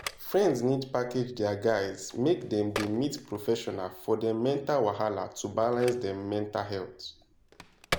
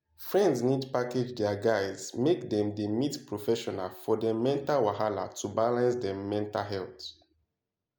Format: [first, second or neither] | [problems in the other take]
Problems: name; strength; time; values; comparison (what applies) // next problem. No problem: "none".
second | background sound (Telephone); 14 dB below the speech